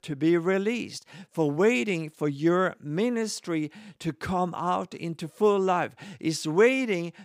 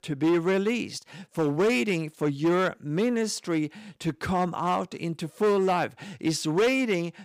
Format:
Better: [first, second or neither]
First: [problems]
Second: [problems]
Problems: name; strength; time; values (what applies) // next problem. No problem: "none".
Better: first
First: none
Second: distortion; slight; 7% of the sound clipped